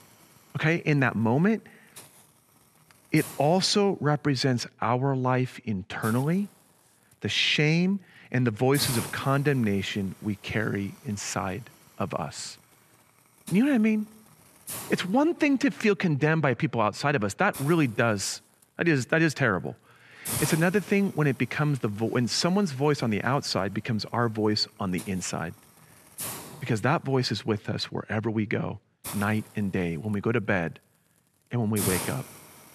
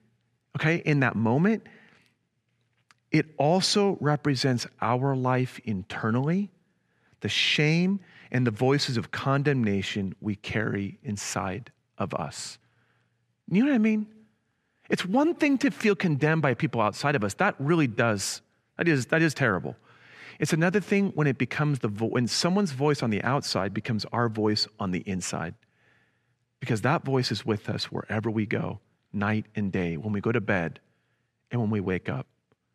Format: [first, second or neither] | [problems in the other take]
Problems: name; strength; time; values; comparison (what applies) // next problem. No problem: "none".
second | hiss; noticeable; throughout; 10 dB below the speech